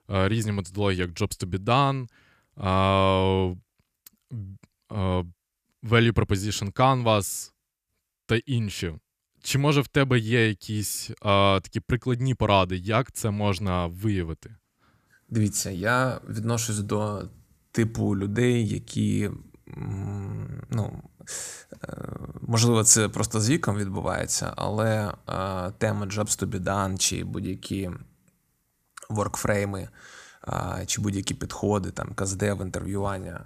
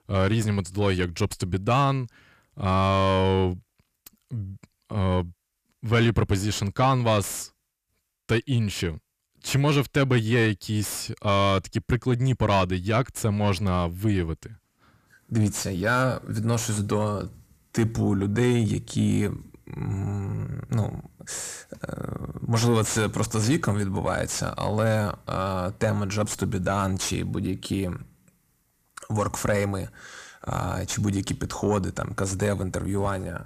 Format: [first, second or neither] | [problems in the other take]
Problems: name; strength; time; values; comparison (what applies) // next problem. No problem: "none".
first | distortion; slight; 10 dB below the speech